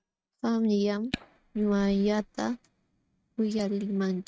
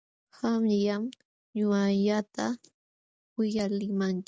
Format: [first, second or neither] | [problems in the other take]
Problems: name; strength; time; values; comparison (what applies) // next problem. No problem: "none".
second | noise reduction (neural mask model RNNoise)